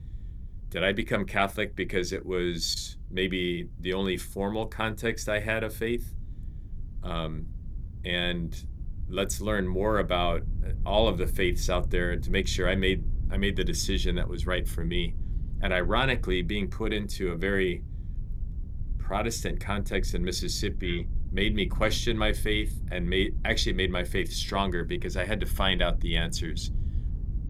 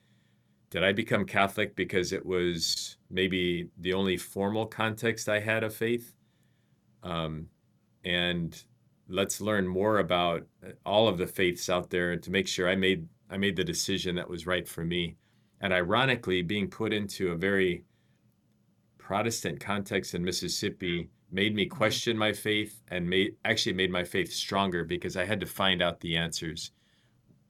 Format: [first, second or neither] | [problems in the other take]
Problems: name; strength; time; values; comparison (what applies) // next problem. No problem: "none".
second | low rumble; faint; throughout; 25 dB below the speech